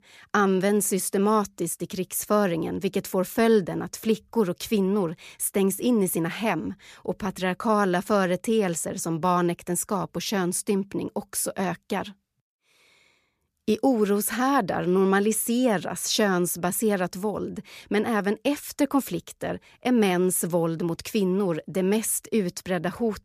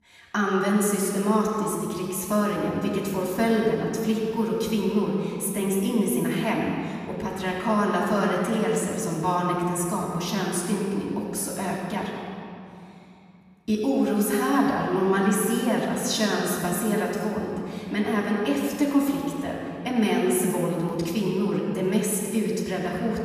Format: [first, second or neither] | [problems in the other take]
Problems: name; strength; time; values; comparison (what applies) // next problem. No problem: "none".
first | off-mic speech; far // room echo; noticeable; dies away in 2.4 s